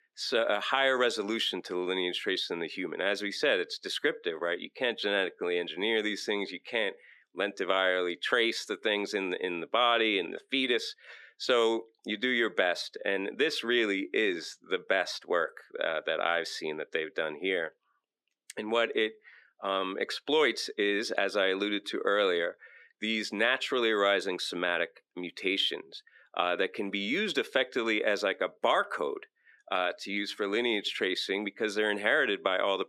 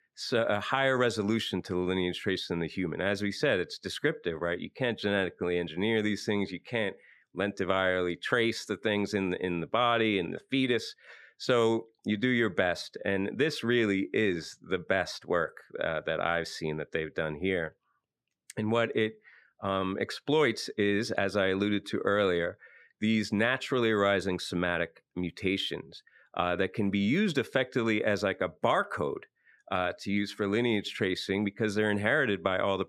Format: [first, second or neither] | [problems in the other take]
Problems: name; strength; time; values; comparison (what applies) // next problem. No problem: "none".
second | thin; somewhat; fading below 300 Hz